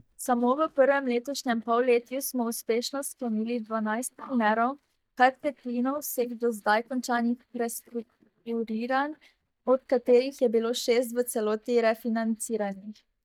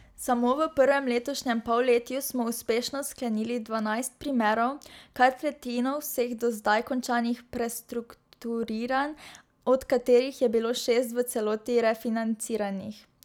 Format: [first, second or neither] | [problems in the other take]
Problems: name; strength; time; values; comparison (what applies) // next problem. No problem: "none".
second | noise reduction (neural mask model DeepFilterNet 3)